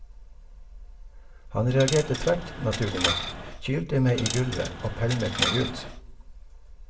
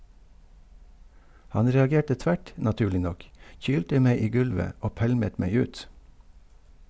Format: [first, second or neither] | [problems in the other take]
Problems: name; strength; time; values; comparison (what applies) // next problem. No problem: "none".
second | background sound (Coin (dropping)); 5 dB below the speech // room echo; dies away in 0.5 s